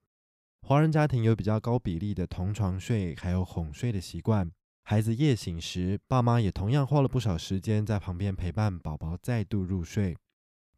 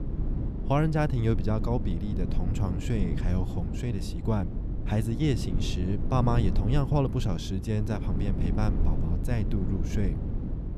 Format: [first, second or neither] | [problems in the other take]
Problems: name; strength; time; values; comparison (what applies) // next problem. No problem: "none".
first | low rumble; loud; throughout; 8 dB below the speech